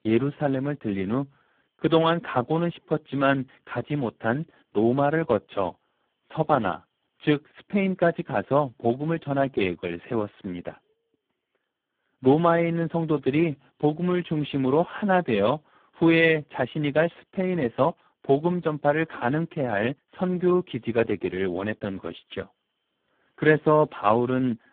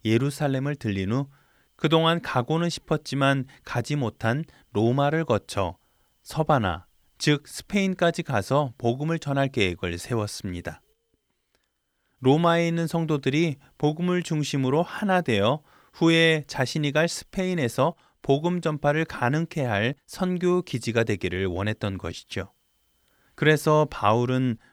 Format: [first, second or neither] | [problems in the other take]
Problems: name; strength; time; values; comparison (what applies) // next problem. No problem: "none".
second | phone-call audio; poor line